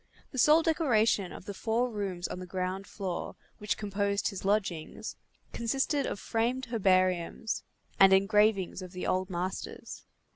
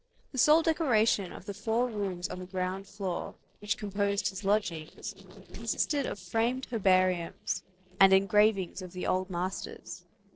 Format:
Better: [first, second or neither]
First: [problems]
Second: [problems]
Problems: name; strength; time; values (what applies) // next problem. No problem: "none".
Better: first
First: none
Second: noise reduction (neural separator model SepFormer DNS4)